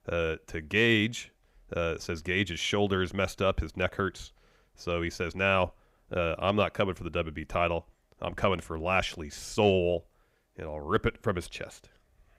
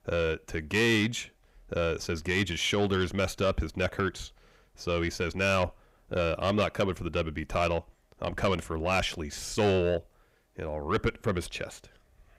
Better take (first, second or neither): first